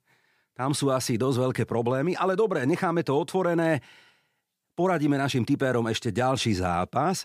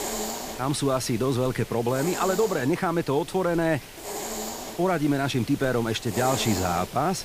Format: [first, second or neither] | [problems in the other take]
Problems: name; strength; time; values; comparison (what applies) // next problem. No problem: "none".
first | hiss; loud; throughout; 9 dB below the speech